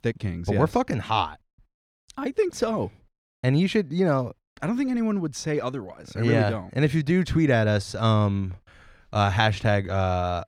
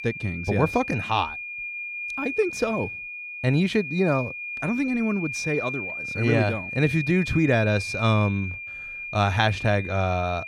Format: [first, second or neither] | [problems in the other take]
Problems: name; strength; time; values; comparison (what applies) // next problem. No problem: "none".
first | high-pitched whine; loud; throughout; 2.5 kHz, 6 dB below the speech